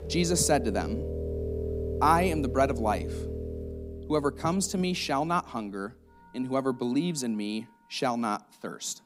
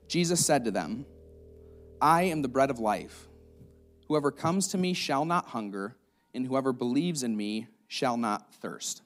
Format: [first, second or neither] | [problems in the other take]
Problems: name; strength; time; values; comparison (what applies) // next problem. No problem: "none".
second | background music; loud; throughout; 6 dB below the speech; faint in the second